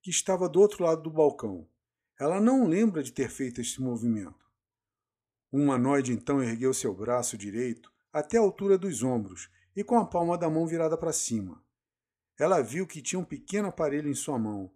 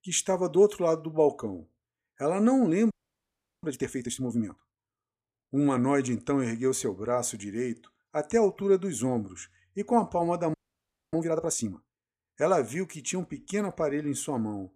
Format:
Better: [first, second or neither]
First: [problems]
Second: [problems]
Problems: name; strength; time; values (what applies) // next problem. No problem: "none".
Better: first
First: none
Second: audio freezing; at 3 s for 0.5 s and at 11 s for 0.5 s